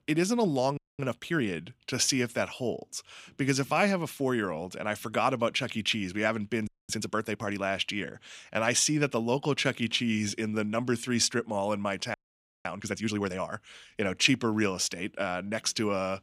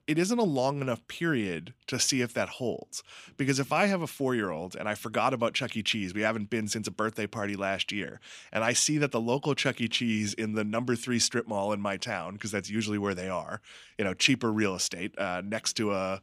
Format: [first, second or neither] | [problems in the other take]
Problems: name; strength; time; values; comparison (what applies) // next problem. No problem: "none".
second | audio freezing; at 1 s, at 6.5 s and at 12 s for 0.5 s